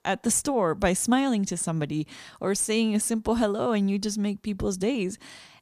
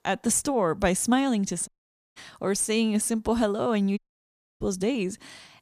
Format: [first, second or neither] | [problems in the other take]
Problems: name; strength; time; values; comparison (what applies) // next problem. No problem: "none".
first | audio cutting out; at 1.5 s and at 4 s for 0.5 s